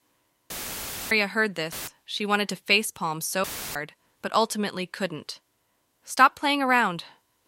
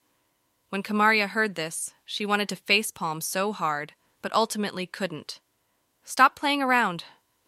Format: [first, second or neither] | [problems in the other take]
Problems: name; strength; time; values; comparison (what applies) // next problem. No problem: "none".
second | audio cutting out; filled with static; at 0.5 s for 0.5 s, at 1.5 s and at 3.5 s